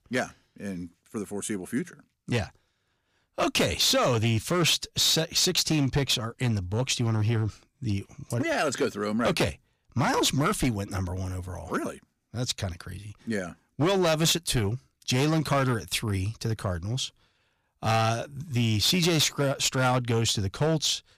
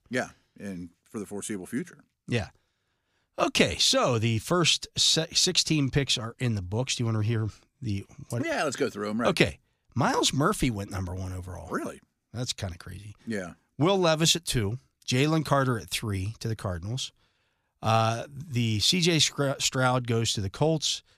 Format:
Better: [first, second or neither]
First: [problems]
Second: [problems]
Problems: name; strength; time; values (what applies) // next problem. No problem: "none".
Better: second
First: distortion; slight; 6% of the sound clipped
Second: none